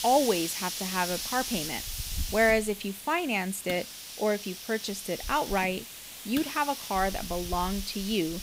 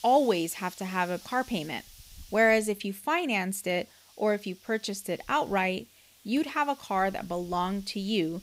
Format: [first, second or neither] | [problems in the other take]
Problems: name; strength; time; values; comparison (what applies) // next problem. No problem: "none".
second | hiss; loud; throughout; 6 dB below the speech; faint in the second